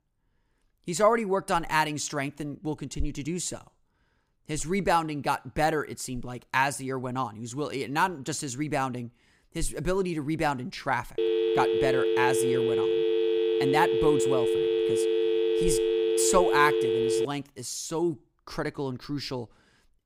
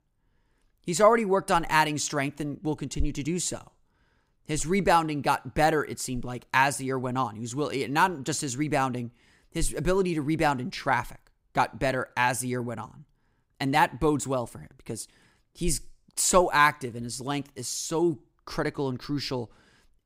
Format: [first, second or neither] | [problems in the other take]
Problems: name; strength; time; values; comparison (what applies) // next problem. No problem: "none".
second | phone ringing; loud; from 11 to 17 s; peak 4 dB above the speech